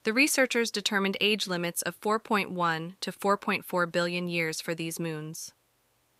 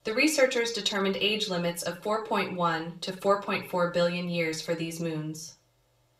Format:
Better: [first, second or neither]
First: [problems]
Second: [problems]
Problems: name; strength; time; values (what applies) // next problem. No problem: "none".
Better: first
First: none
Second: room echo; slight; dies away in 0.3 s // off-mic speech; far